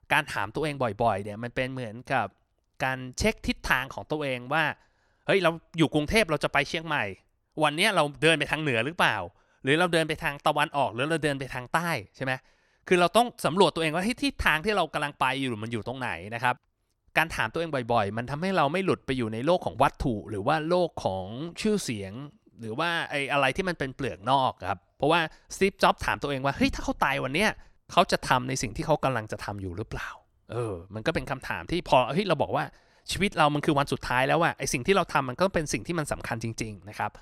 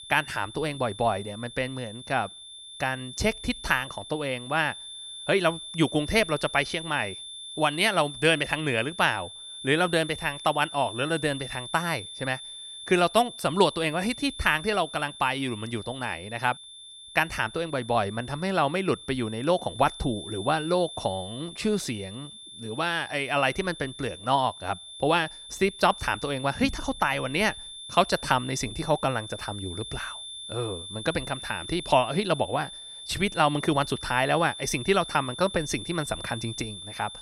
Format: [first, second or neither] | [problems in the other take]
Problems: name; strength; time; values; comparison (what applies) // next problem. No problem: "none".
first | high-pitched whine; noticeable; throughout; 3.5 kHz, 10 dB below the speech